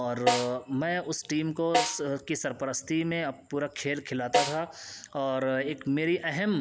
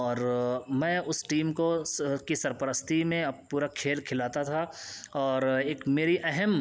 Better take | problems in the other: second | background sound (Snare drum); 2 dB below the speech

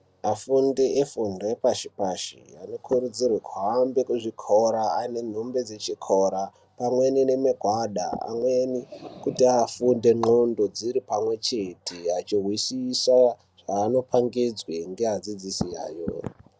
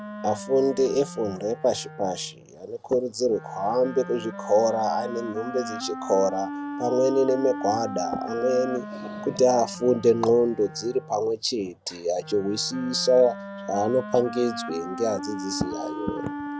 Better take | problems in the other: first | background sound (Wind instrument, woodwind instrument); 11 dB below the speech

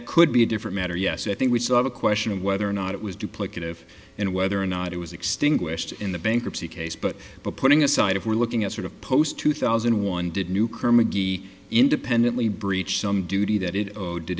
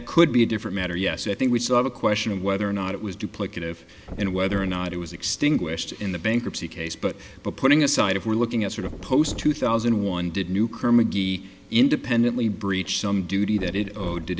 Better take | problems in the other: first | background sound (Thump, thud); 19 dB below the speech

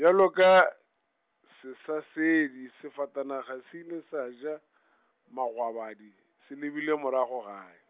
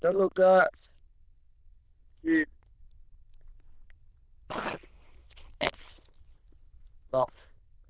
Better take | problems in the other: first | noise reduction (neural diffusion model UNIVERSE++)

